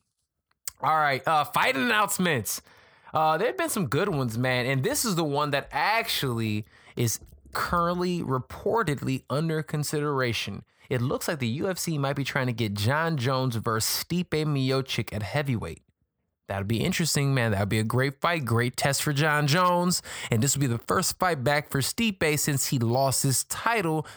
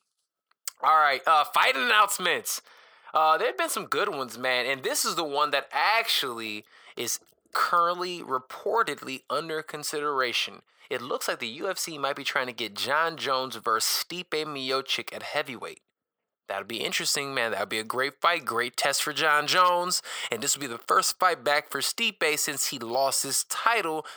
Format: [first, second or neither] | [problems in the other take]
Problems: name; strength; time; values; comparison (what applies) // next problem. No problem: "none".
first | thin; very; fading below 500 Hz